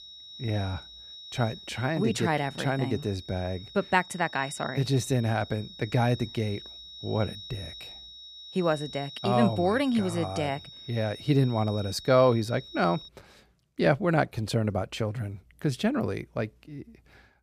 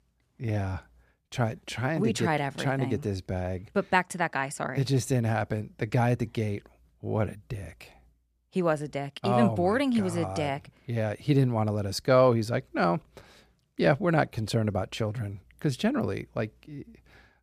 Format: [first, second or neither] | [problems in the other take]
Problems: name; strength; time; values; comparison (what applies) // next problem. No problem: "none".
second | high-pitched whine; noticeable; until 13 s; 4 kHz, 15 dB below the speech